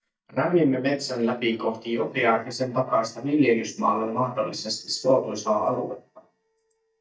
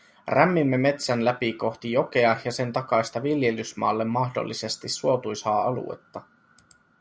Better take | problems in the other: second | noise reduction (neural mask model DeepFilterNet 3)

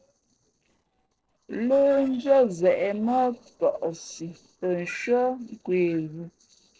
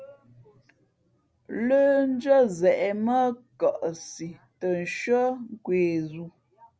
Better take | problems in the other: second | noise reduction (neural separator model SepFormer DNS4)

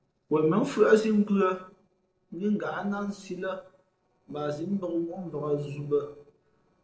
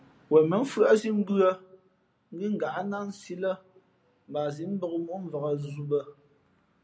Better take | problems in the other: second | noise reduction (neural separator model SepFormer DNS4)

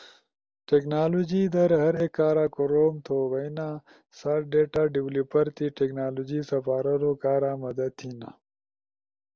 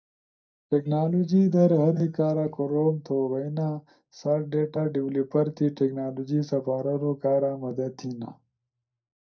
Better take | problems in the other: first | noise reduction (neural mask model DeepFilterNet 3)

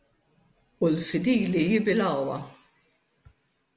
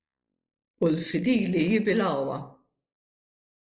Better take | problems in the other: first | noise reduction (neural mask model Resemble Enhance denoiser)

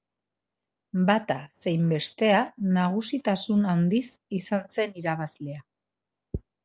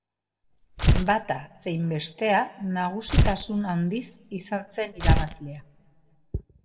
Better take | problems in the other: first | background sound (Tearing); 2 dB above the speech // room echo; dies away in 0.9 s

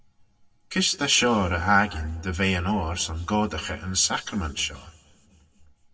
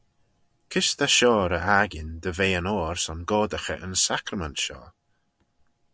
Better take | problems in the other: second | room echo; dies away in 1.2 s

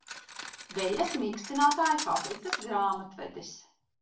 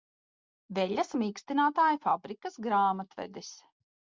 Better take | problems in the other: second | background sound (Cutlery, silverware); 10 dB below the speech // room echo; dies away in 0.3 s

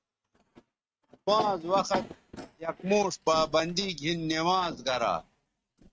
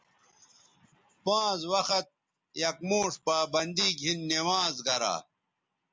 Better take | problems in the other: second | noise reduction (neural mask model RNNoise)

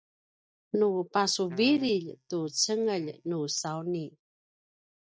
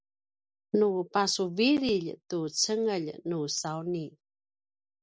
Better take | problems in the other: second | noise reduction (neural mask model DeepFilterNet 3)

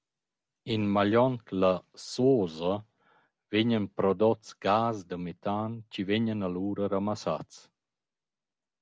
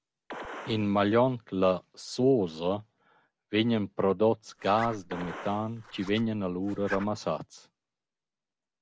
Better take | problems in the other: first | background sound (Zipper (clothing) + Gunshot, gunfire); 14 dB below the speech

